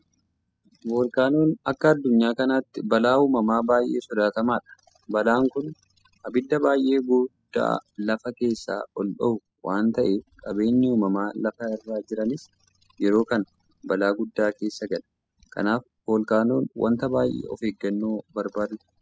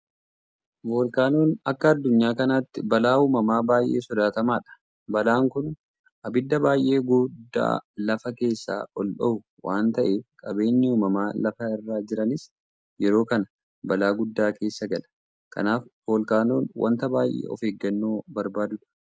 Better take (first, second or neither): second